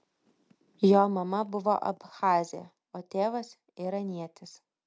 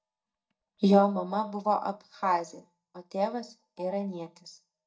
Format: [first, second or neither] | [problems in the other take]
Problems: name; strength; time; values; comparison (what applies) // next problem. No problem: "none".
first | noise reduction (neural mask model DeepFilterNet 3)